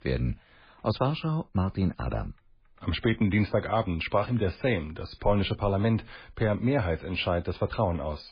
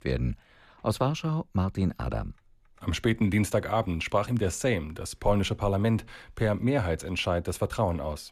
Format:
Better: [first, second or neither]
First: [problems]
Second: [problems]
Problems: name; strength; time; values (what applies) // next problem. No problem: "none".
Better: second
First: garbled, watery; badly; nothing above 4.5 kHz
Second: none